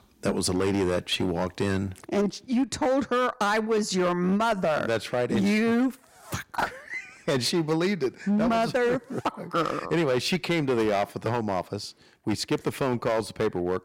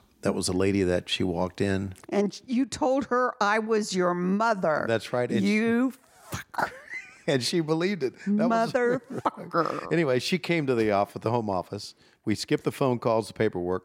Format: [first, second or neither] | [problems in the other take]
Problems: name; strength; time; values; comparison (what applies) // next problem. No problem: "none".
second | distortion; slight; 11% of the sound clipped